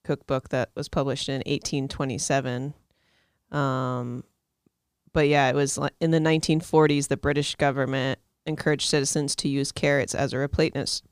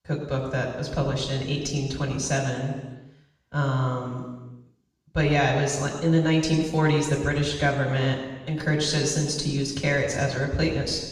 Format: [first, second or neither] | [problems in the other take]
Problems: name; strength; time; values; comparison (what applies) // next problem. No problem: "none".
first | room echo; noticeable; dies away in 1.1 s // off-mic speech; far